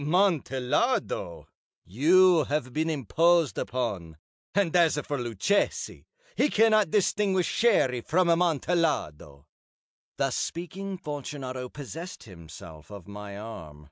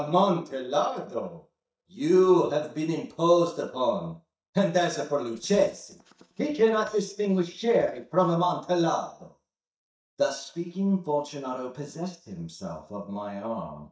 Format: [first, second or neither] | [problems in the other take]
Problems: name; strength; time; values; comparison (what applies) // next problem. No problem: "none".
first | noise reduction (neural mask model DeepFilterNet 3)